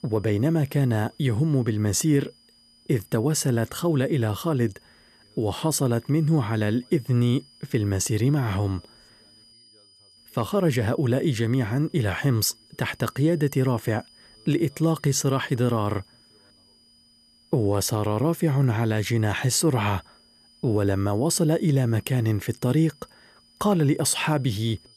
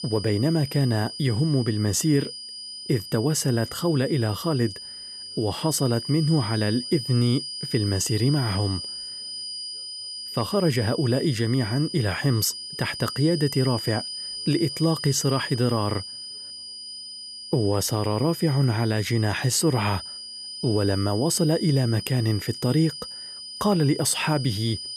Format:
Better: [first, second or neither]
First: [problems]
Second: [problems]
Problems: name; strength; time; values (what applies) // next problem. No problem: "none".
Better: first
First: high-pitched whine; faint; throughout; 5 kHz, 30 dB below the speech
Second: high-pitched whine; loud; throughout; 5 kHz, 9 dB below the speech